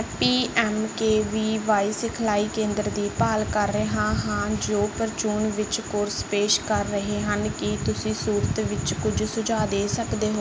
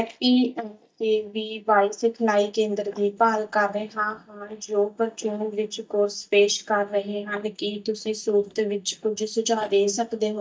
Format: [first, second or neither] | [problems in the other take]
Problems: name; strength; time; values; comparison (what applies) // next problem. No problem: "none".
first | noise reduction (neural mask model DeepFilterNet 3)